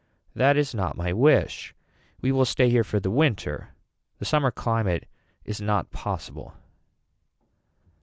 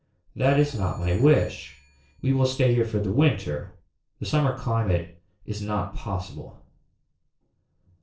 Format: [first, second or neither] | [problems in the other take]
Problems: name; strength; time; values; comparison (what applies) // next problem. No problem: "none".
first | noise reduction (neural separator model SepFormer DNS4)